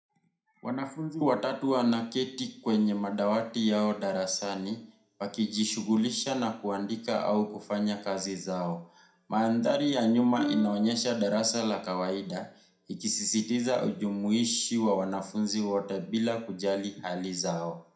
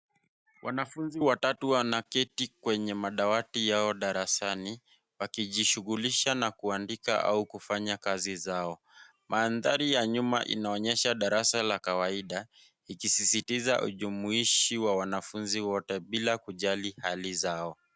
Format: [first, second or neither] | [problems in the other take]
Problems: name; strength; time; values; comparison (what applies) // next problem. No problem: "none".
second | background sound (Plucked string instrument); 8 dB below the speech // room echo; dies away in 0.4 s